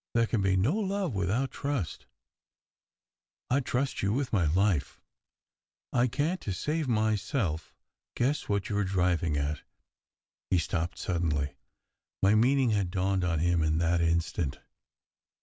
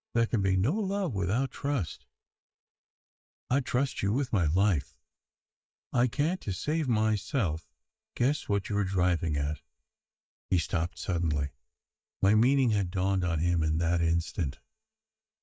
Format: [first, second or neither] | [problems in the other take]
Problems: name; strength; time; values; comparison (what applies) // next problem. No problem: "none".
first | noise reduction (neural mask model DeepFilterNet 3)